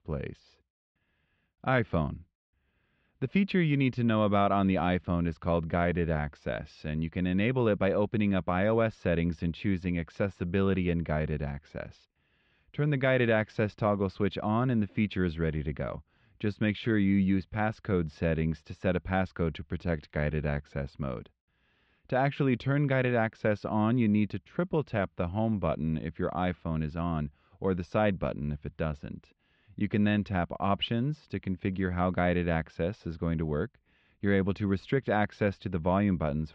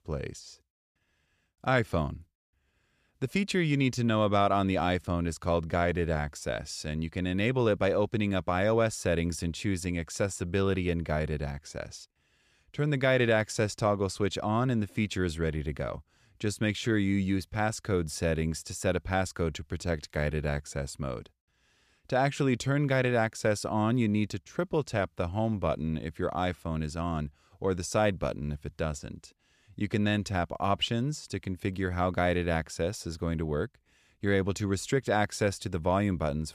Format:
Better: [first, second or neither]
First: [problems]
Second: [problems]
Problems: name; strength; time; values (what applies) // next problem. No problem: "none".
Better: second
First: muffled; very; fading above 3.5 kHz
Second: none